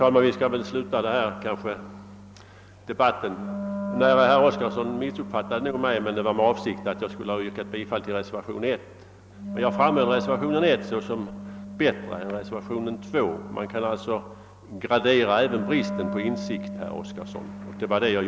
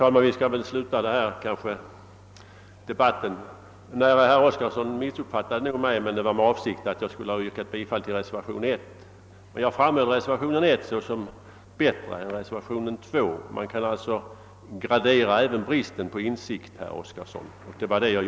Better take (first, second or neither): second